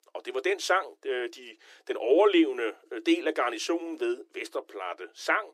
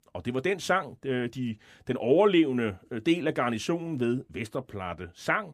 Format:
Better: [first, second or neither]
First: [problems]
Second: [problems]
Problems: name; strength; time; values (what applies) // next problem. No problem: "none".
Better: second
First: thin; very; fading below 300 Hz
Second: none